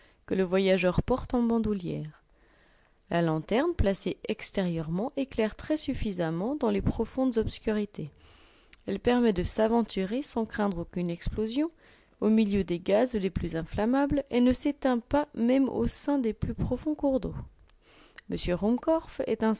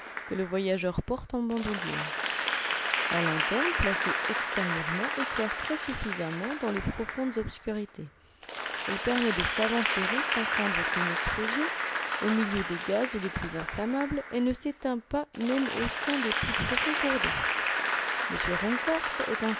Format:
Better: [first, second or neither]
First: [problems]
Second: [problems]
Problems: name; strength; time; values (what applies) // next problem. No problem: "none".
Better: first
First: none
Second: background sound (Applause / Crowd); as loud as the speech